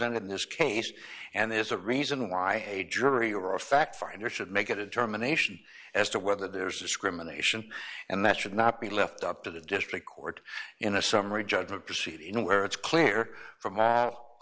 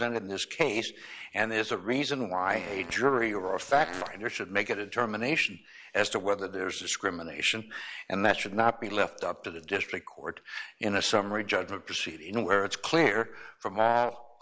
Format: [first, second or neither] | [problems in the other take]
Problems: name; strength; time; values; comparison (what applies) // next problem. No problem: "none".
first | background sound (Fart); 13 dB below the speech